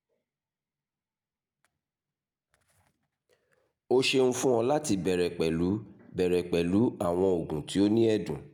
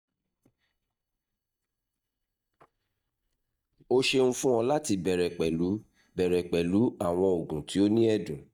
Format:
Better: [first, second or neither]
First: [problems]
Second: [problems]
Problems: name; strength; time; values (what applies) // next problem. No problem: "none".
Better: first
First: none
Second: noise reduction (neural mask model DeepFilterNet 3)